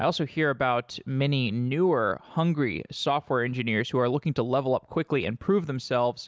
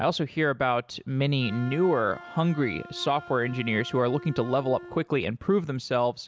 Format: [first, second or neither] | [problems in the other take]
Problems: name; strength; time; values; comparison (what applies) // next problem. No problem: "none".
first | background sound (Wind instrument, woodwind instrument); 19 dB below the speech